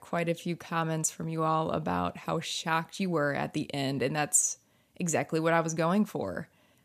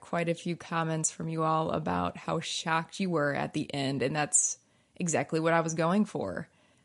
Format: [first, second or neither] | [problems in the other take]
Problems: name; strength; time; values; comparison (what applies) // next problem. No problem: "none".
first | garbled, watery; slightly